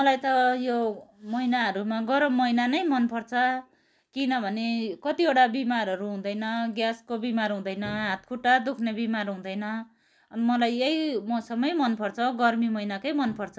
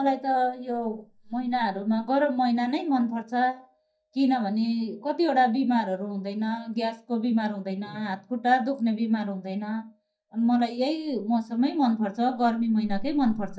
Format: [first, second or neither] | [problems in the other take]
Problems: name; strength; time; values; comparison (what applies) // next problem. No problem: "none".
first | noise reduction (neural mask model DeepFilterNet 3)